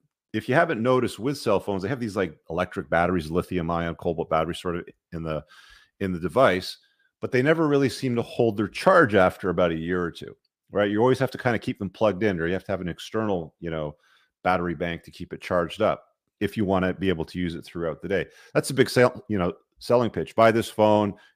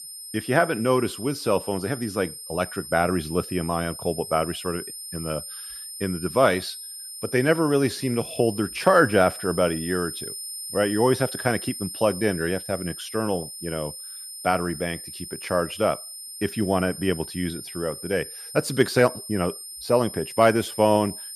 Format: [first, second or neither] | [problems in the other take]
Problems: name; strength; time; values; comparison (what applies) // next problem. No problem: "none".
first | high-pitched whine; noticeable; throughout; 9 kHz, 10 dB below the speech